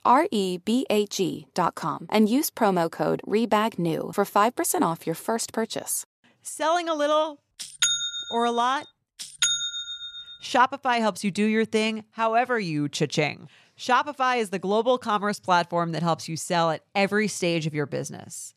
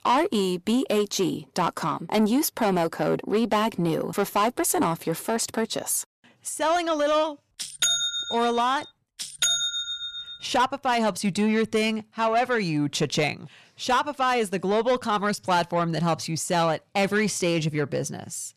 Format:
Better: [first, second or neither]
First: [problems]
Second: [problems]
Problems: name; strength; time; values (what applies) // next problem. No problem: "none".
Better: first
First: none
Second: distortion; slight; 10 dB below the speech